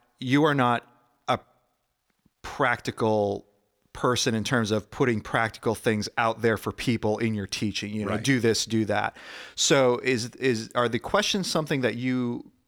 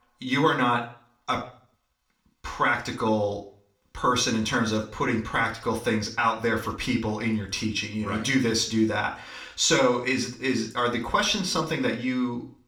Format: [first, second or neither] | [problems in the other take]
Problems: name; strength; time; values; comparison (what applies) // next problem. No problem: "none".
first | room echo; slight; dies away in 0.4 s // off-mic speech; somewhat distant